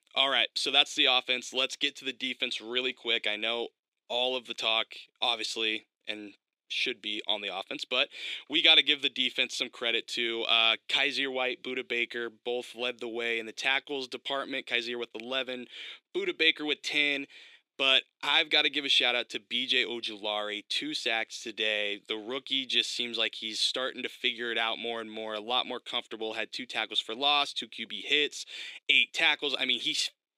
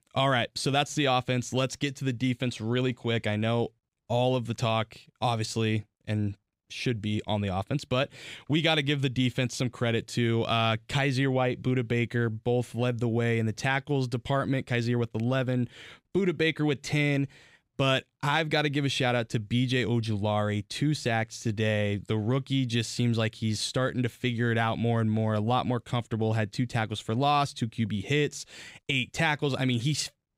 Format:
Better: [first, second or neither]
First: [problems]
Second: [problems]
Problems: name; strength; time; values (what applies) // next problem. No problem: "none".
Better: second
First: thin; somewhat; fading below 350 Hz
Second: none